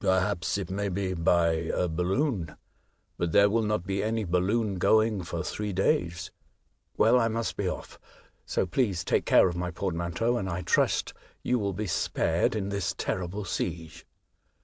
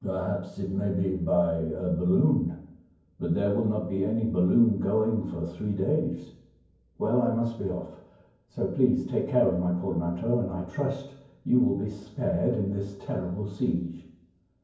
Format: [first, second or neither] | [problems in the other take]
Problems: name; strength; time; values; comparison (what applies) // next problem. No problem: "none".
first | room echo; dies away in 0.9 s